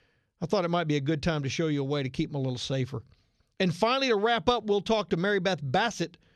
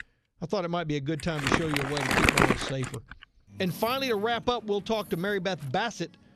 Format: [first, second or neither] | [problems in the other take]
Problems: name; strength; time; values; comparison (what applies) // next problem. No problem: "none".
first | household noises; very loud; throughout; 4 dB above the speech